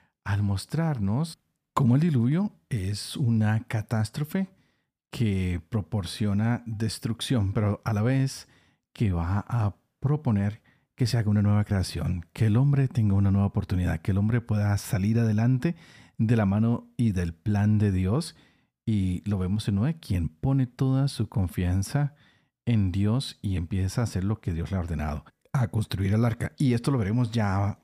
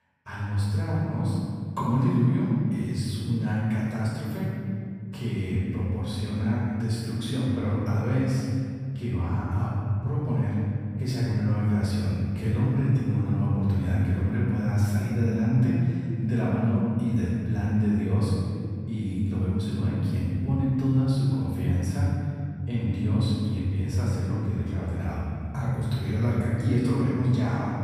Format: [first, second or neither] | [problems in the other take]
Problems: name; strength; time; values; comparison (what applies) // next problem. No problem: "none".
first | room echo; strong; dies away in 2.3 s // off-mic speech; far